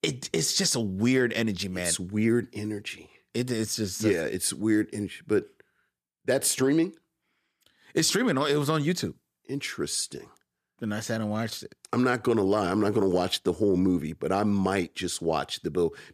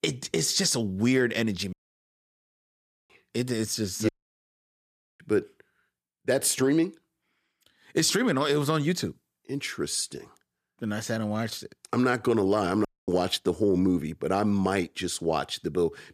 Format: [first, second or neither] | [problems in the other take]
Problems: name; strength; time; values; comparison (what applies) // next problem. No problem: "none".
first | audio cutting out; at 1.5 s for 1.5 s, at 4 s for 1 s and at 13 s